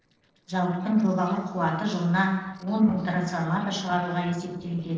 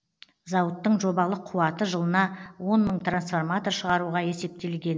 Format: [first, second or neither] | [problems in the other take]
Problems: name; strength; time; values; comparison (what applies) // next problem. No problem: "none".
second | noise reduction (neural separator model SepFormer DNS4)